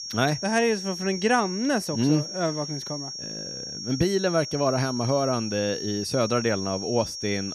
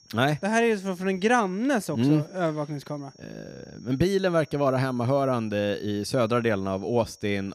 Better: second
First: high-pitched whine; loud; throughout; 5.5 kHz, 7 dB below the speech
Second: high-pitched whine; faint; throughout; 5.5 kHz, 30 dB below the speech

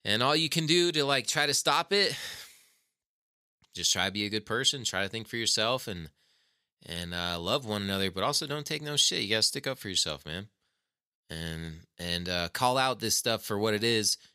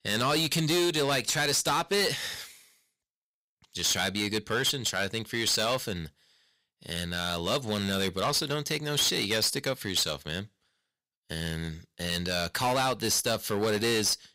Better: first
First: none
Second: distortion; heavy; 10% of the sound clipped

